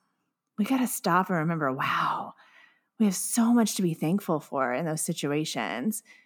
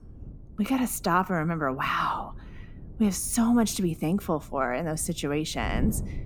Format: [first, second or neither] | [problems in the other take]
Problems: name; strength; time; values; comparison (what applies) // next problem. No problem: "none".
first | wind noise on the microphone; occasional gusts; 20 dB below the speech